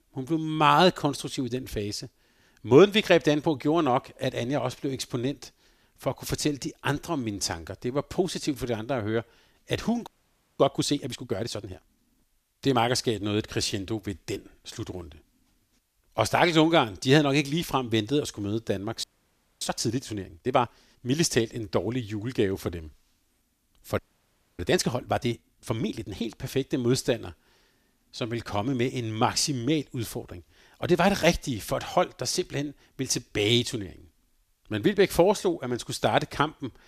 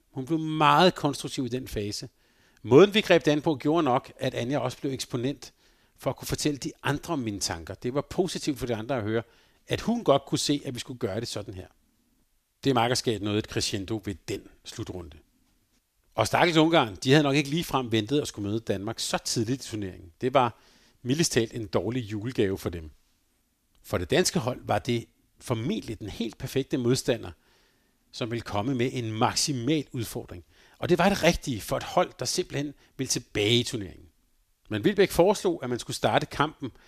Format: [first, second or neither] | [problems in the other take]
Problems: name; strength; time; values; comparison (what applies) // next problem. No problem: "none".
second | audio freezing; at 10 s for 0.5 s, at 19 s for 0.5 s and at 24 s for 0.5 s